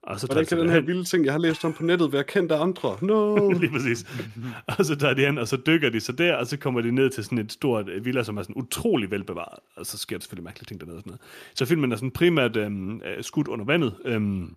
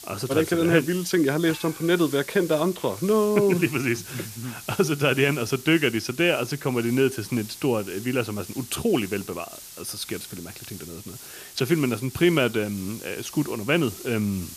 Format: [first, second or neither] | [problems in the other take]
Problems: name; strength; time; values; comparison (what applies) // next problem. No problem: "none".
first | hiss; noticeable; throughout; 15 dB below the speech